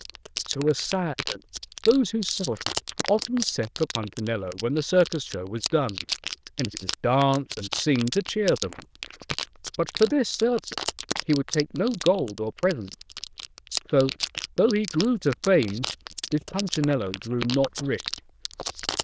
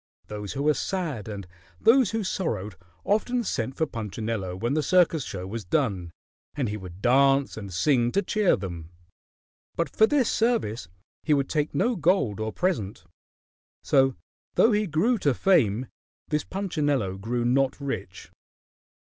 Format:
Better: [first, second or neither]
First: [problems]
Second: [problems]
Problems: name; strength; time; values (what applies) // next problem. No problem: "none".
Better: second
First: noise reduction (neural diffusion model UNIVERSE++)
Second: none